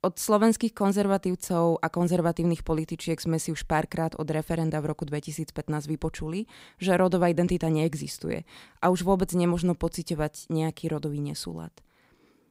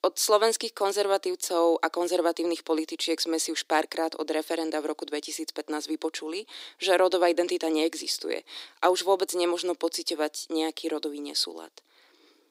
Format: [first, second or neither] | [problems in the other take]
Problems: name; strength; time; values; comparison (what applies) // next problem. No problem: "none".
first | thin; very; fading below 300 Hz